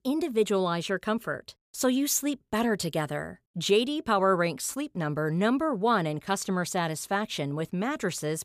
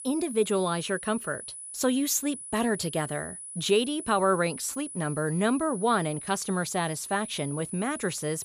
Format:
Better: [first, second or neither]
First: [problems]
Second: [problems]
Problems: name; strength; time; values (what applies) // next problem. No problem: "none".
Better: first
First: none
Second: high-pitched whine; loud; throughout; 10 kHz, 10 dB below the speech